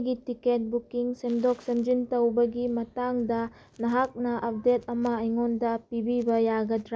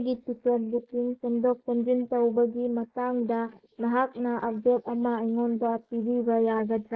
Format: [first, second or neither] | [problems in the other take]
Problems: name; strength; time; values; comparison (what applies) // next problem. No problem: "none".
first | noise reduction (neural mask model Resemble Enhance denoiser)